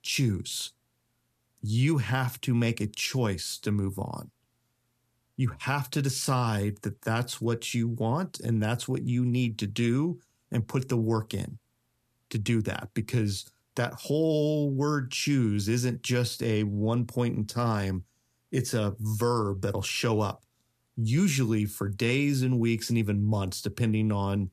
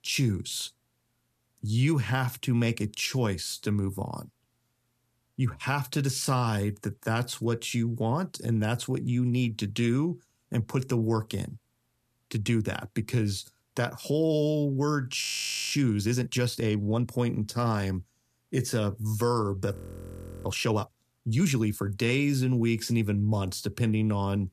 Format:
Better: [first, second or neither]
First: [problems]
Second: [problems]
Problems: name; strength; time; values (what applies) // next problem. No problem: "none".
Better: first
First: none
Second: audio freezing; at 15 s for 0.5 s and at 20 s for 0.5 s